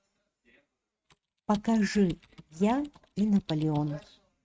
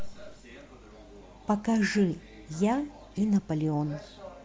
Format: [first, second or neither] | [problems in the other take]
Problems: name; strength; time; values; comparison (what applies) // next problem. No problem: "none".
second | noise reduction (neural mask model RNNoise)